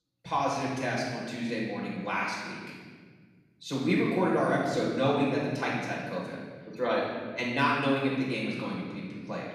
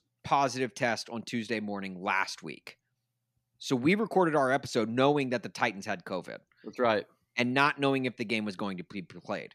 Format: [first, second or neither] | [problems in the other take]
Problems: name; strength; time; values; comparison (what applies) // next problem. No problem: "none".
second | off-mic speech; far // room echo; strong; dies away in 1.7 s